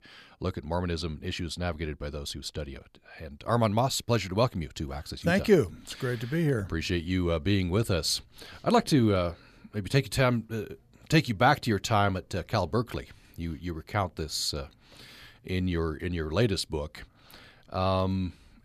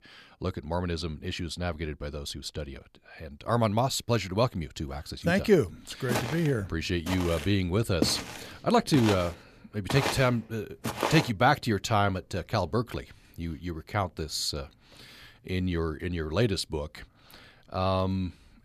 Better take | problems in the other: first | footsteps; noticeable; from 6 to 11 s; peak 1 dB below the speech

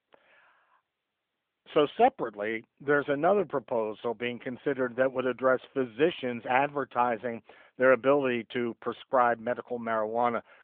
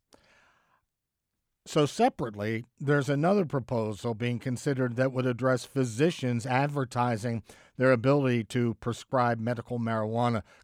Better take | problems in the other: second | phone-call audio

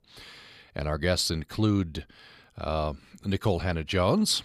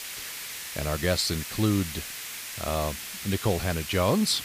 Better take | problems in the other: first | hiss; loud; throughout; 7 dB below the speech

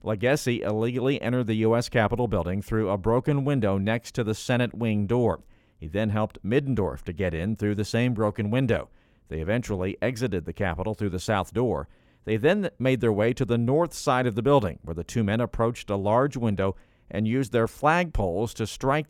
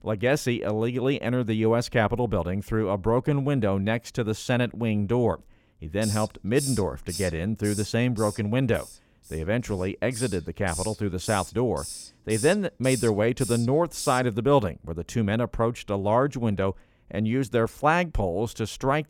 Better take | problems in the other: first | hiss; noticeable; from 6 to 14 s; 10 dB below the speech

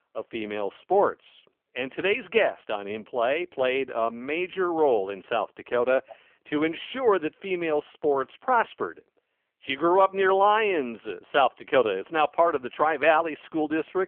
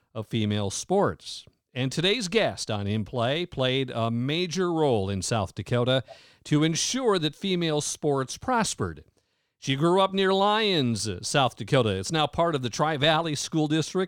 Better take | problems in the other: second | phone-call audio; poor line; nothing above 3 kHz

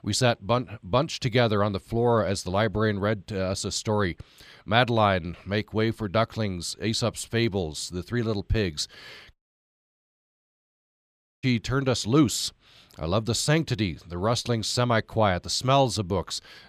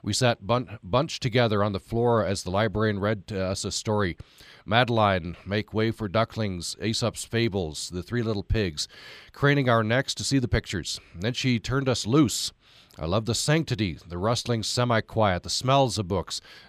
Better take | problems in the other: second | audio cutting out; at 9.5 s for 2 s

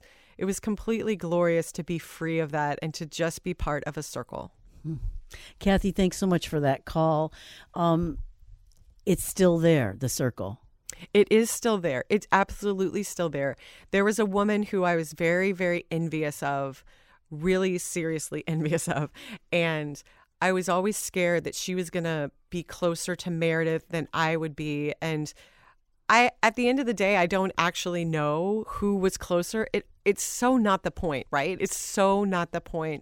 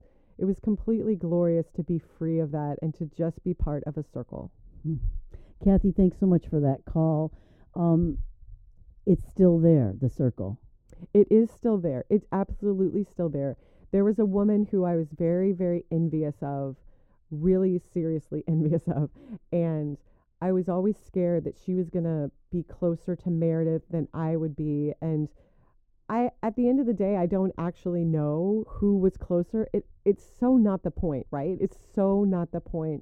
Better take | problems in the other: first | muffled; very; fading above 1 kHz

